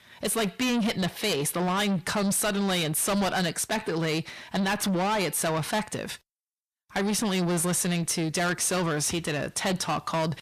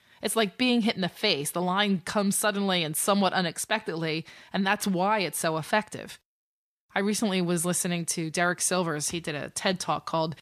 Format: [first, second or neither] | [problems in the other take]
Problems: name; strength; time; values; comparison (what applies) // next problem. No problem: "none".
second | distortion; heavy; 7 dB below the speech